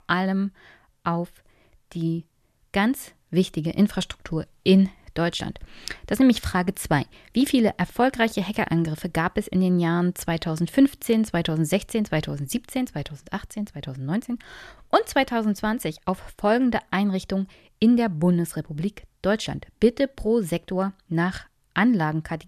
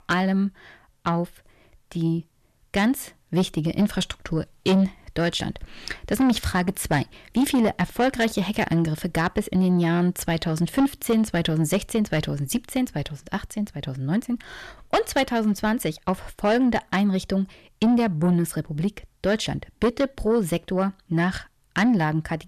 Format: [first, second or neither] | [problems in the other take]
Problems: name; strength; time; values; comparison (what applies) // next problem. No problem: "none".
first | distortion; slight; 10 dB below the speech